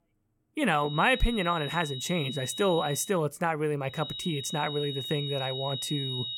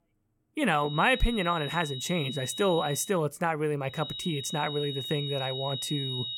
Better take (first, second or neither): neither